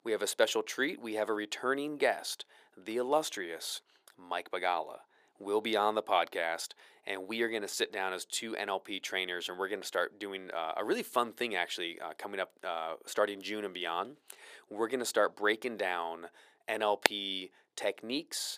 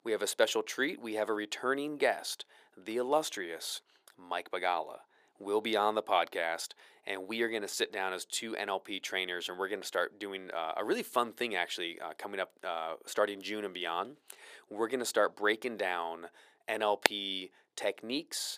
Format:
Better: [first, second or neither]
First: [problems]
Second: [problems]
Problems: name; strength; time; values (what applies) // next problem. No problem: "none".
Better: neither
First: thin; very; fading below 350 Hz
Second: thin; very; fading below 350 Hz